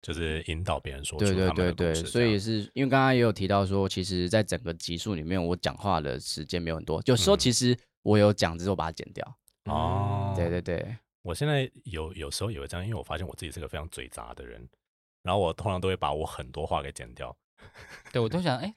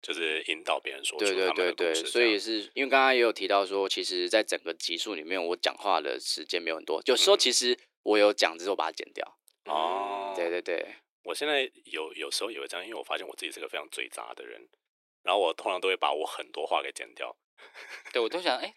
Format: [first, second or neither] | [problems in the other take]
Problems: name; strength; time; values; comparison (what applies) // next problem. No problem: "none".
first | thin; very; fading below 350 Hz